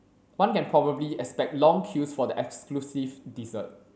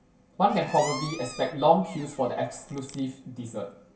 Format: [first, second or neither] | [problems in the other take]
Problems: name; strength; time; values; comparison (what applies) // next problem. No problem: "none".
first | background sound (Squeak); 13 dB below the speech // room echo; dies away in 0.2 s